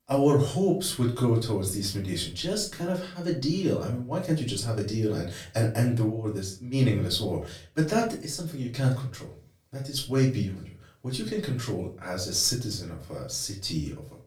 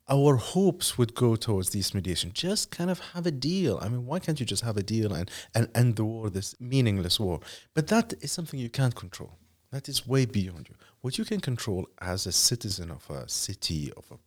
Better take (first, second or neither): second